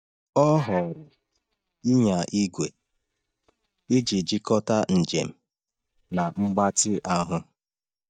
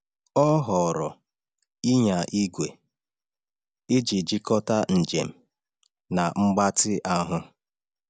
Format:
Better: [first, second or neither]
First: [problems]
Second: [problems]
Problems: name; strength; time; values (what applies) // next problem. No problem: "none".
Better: second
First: noise reduction (neural mask model DeepFilterNet 3)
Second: none